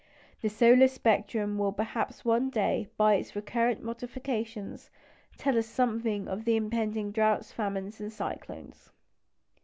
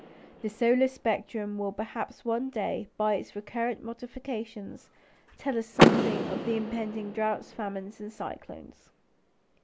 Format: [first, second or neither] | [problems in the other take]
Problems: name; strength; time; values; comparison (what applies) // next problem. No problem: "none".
first | background sound (Door / Car); 1 dB below the speech